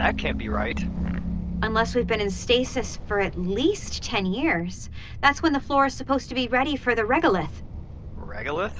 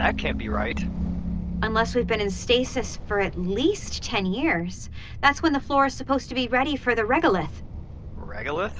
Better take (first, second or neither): second